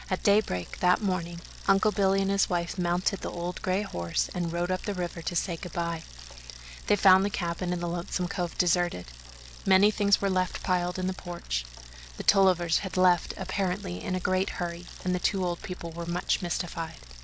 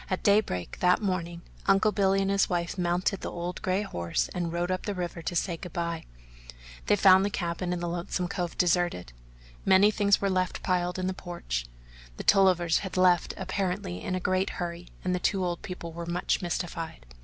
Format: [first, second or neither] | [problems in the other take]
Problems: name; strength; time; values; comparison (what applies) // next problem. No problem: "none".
second | background sound (Bicycle); 20 dB below the speech